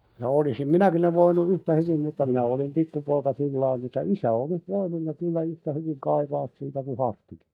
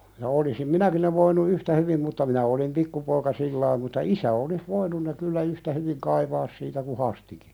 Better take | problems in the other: second | noise reduction (neural mask model DeepFilterNet 3)

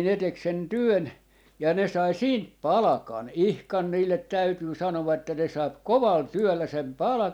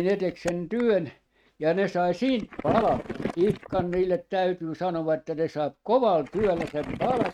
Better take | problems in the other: first | noise reduction (neural mask model RNNoise)

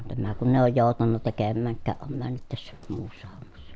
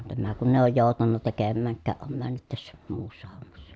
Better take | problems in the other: second | background sound (Livestock, farm animals, working animals); 14 dB below the speech

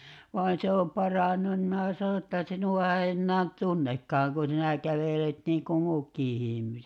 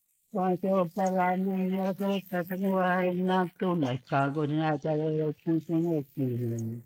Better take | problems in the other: first | noise reduction (neural mask model Resemble Enhance denoiser)

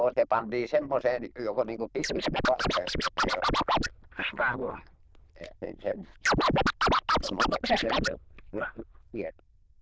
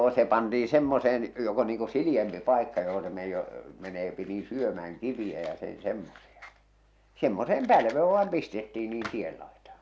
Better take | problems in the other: second | noise reduction (neural diffusion model UNIVERSE++)

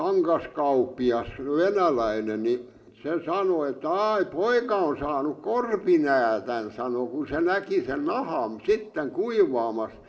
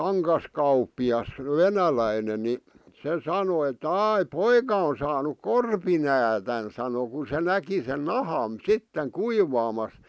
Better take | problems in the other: second | room echo; dies away in 1.2 s

